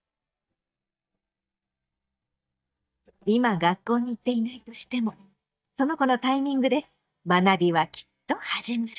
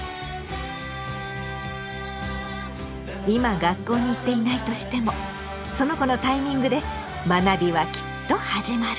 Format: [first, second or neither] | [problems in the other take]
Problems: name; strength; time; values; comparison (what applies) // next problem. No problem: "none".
second | noise reduction (neural mask model DeepFilterNet 3)